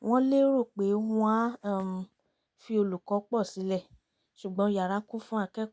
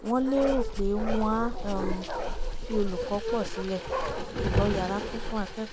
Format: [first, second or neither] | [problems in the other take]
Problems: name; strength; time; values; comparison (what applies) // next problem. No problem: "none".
first | background sound (Bark); as loud as the speech